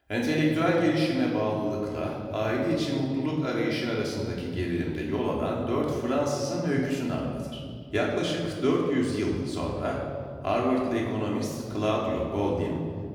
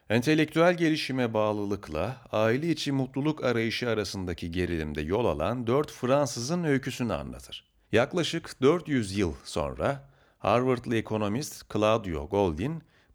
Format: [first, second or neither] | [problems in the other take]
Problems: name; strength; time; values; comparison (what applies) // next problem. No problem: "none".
second | off-mic speech; far // room echo; noticeable; dies away in 2.1 s